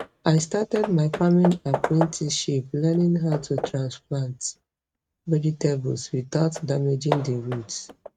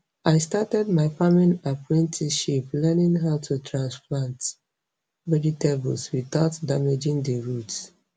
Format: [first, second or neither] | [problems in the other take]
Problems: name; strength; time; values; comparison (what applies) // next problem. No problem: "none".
second | noise reduction (neural mask model RNNoise)